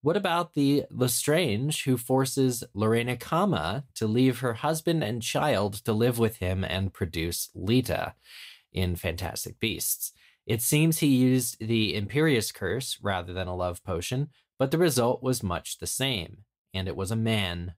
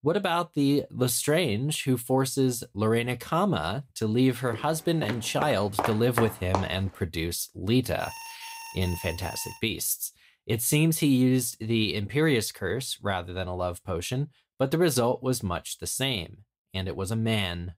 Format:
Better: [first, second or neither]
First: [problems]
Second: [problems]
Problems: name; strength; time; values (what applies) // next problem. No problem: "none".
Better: first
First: none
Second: footsteps; noticeable; from 4.5 to 6.5 s; peak 3 dB below the speech // alarm; faint; from 8 to 9.5 s; peak 15 dB below the speech